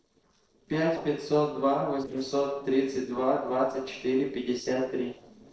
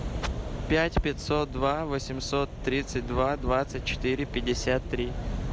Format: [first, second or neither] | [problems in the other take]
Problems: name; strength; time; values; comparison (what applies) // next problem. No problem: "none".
second | noise reduction (neural separator model SepFormer DNS4)